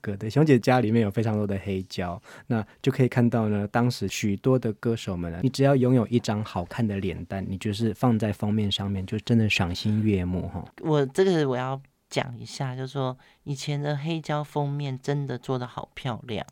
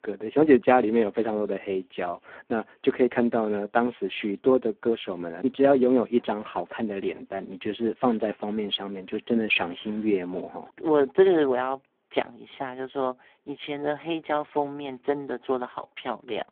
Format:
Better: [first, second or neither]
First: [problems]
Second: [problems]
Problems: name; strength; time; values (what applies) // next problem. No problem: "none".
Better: first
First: none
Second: phone-call audio; poor line; nothing above 3.5 kHz